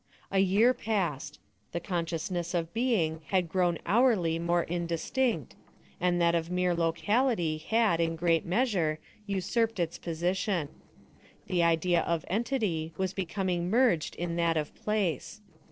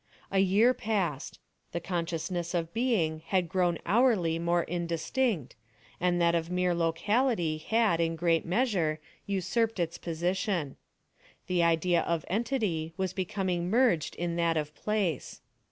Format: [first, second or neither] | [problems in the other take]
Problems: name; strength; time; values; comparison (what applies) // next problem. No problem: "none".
second | noise reduction (neural separator model SepFormer DNS4)